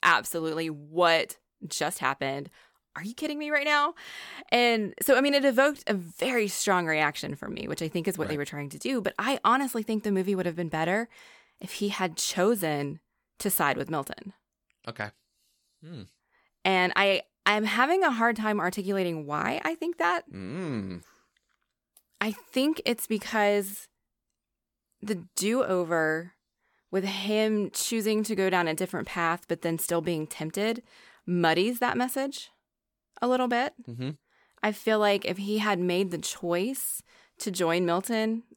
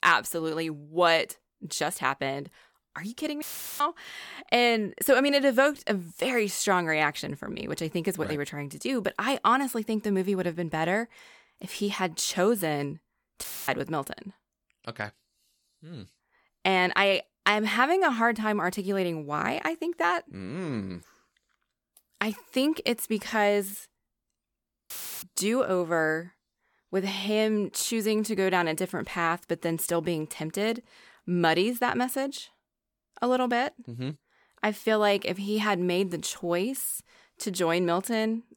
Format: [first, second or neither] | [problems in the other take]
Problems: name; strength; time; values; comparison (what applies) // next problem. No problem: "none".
first | audio cutting out; filled with static; at 3.5 s, at 13 s and at 25 s